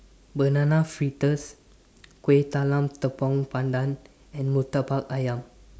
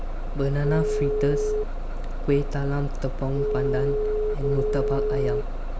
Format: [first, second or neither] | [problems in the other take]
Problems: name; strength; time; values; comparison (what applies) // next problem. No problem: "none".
first | background sound (Bus + Telephone); 3 dB above the speech